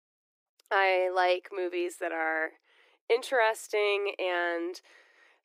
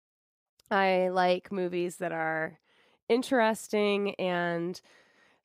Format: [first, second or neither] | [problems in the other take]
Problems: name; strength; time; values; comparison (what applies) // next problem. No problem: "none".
second | thin; very; fading below 300 Hz